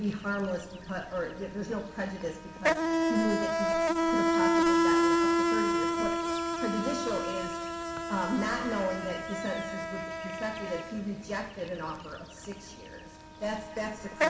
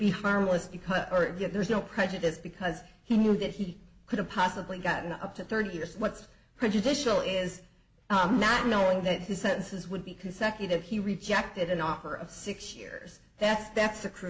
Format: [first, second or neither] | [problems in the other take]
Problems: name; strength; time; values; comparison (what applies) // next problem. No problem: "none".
second | background sound (Insect); 4 dB above the speech // room echo; dies away in 2.1 s